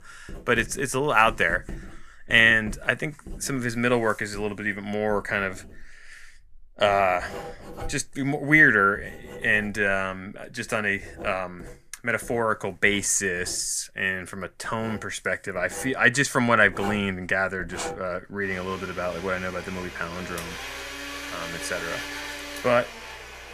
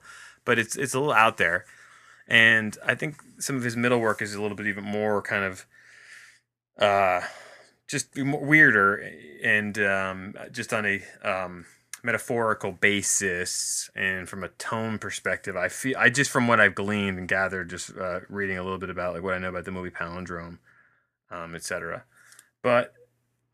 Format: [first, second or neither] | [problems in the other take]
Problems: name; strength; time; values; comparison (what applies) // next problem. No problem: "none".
second | household noises; noticeable; throughout; 15 dB below the speech